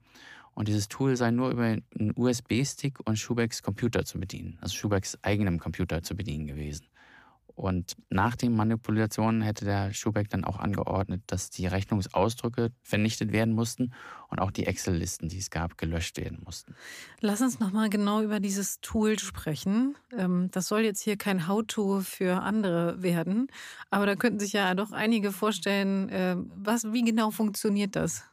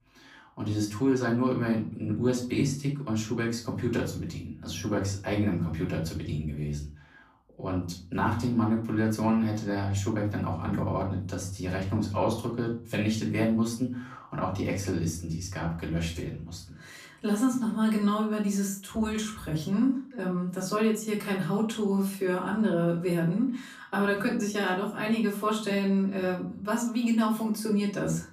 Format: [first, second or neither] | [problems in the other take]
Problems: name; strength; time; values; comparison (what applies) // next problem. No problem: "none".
first | off-mic speech; far // room echo; slight; dies away in 0.4 s